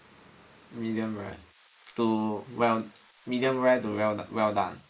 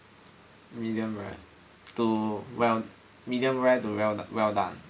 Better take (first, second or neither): second